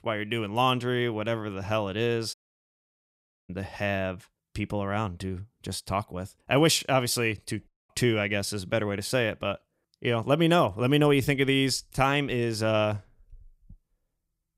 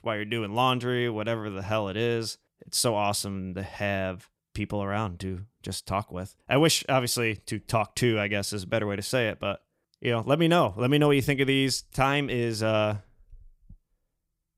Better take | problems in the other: second | audio cutting out; at 2.5 s for 1 s and at 7.5 s

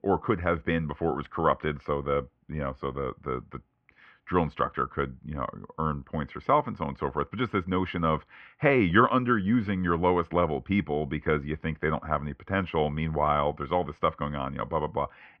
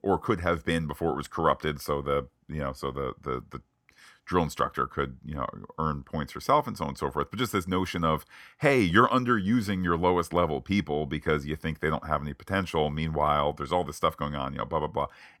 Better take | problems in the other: second | muffled; very; fading above 2.5 kHz

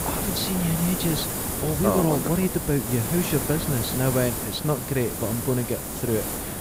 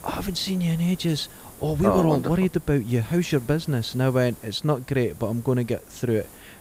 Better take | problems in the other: second | hiss; loud; throughout; 2 dB below the speech; faint in the second

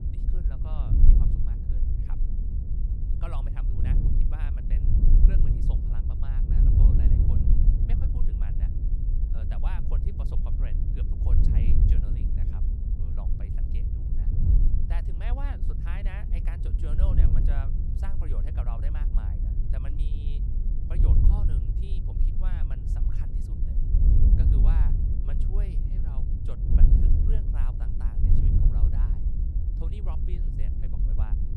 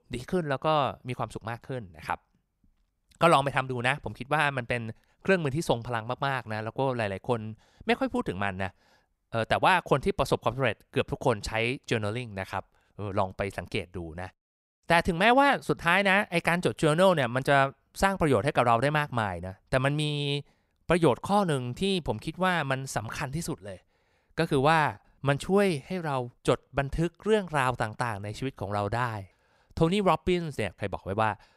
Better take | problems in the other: second | wind noise on the microphone; heavy; 3 dB above the speech

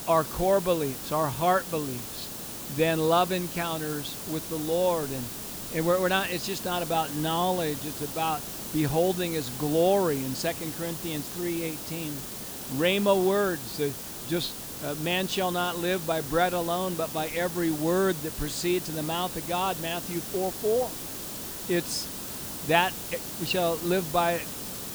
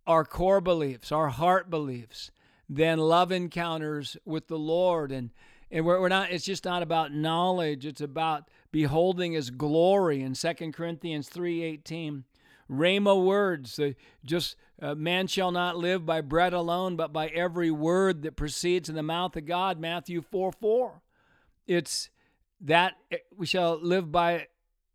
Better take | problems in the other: second | hiss; loud; throughout; 7 dB below the speech

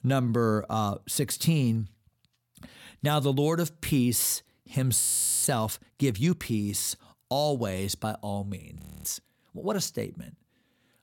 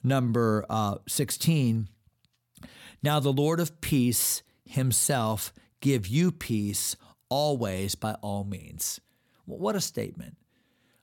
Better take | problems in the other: second | audio freezing; at 5 s and at 9 s

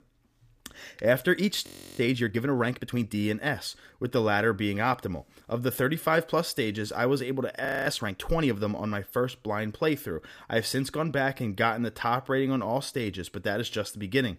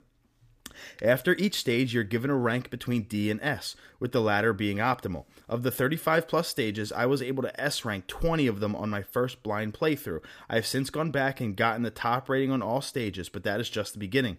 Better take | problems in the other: second | audio freezing; at 1.5 s and at 7.5 s

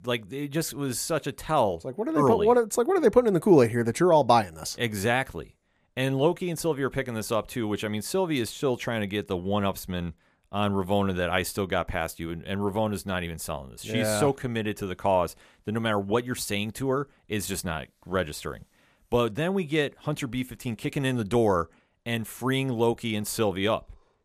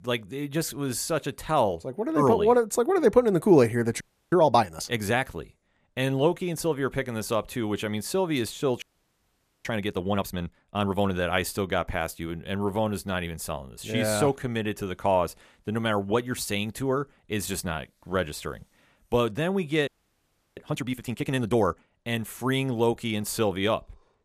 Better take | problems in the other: first | audio freezing; at 4 s, at 9 s for 1 s and at 20 s for 0.5 s

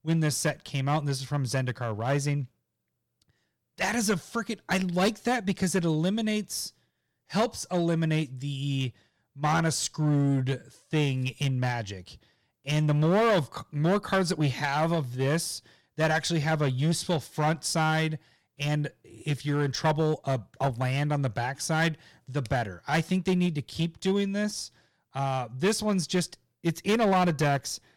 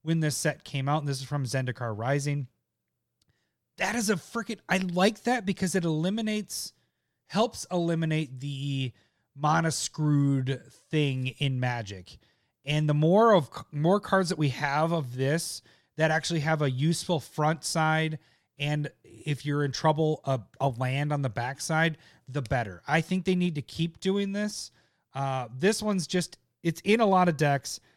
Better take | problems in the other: second | distortion; slight; 6% of the sound clipped

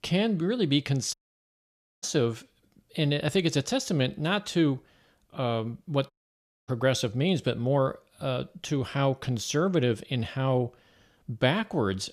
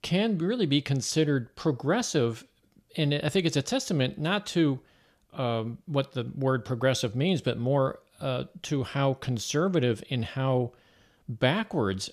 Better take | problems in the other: second | audio cutting out; at 1 s for 1 s and at 6 s for 0.5 s

